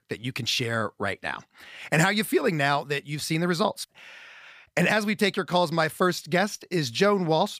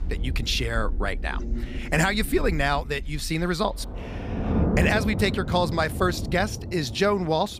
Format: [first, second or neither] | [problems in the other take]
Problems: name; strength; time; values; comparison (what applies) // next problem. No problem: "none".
first | rain or running water; loud; throughout; 5 dB below the speech